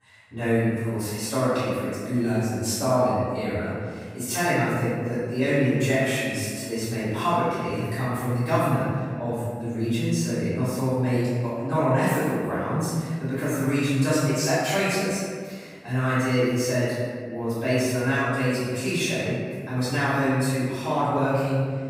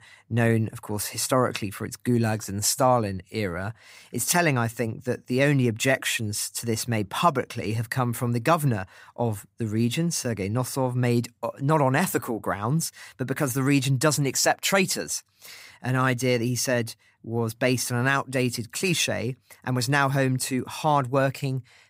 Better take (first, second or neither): second